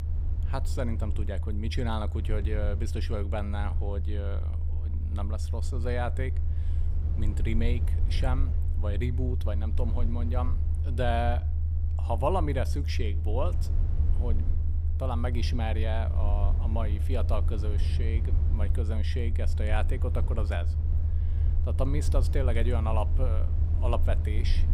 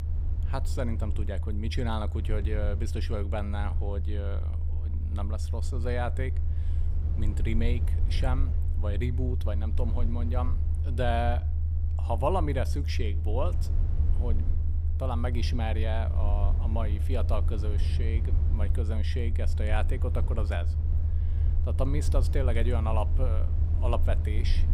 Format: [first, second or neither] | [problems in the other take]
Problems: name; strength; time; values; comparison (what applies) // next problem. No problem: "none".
neither | low rumble; noticeable; throughout; 10 dB below the speech; the same in both